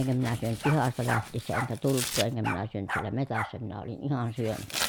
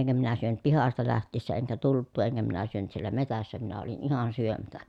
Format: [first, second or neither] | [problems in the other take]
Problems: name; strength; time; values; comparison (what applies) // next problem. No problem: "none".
second | background sound (Tearing + Bark); 6 dB below the speech